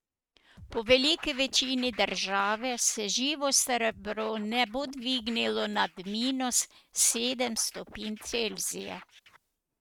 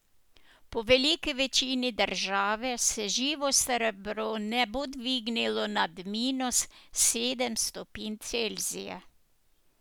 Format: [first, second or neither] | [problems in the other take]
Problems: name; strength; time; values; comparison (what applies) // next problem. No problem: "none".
second | noise reduction (neural mask model RNNoise)